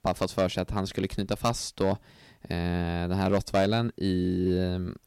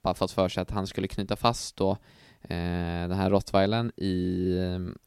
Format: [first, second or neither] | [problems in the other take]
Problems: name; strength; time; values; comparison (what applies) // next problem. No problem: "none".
second | distortion; slight; 2% of the sound clipped